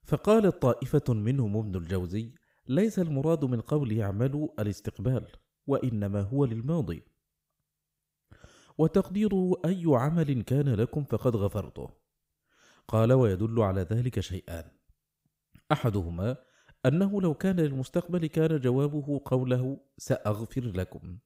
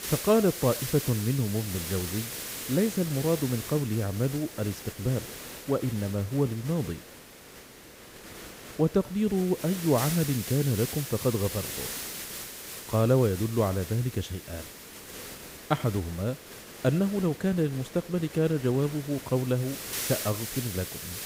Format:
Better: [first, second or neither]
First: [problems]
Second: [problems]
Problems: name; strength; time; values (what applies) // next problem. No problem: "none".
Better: first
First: none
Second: hiss; loud; throughout; 9 dB below the speech